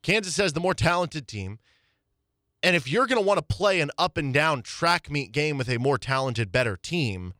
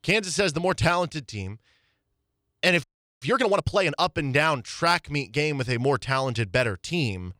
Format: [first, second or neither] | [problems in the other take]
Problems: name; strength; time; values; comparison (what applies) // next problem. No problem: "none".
first | audio freezing; at 3 s